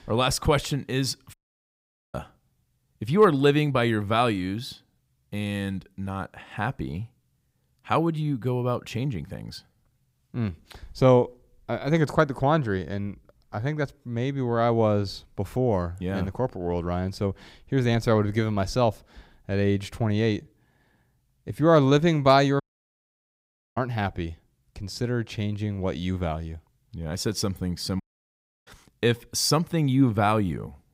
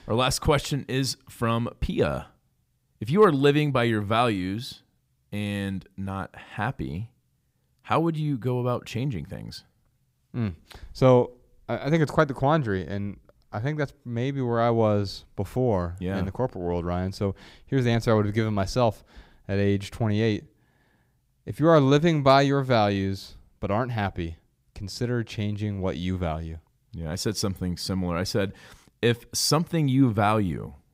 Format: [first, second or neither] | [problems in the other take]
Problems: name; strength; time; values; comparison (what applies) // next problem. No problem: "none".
second | audio cutting out; at 1.5 s for 1 s, at 23 s for 1 s and at 28 s for 0.5 s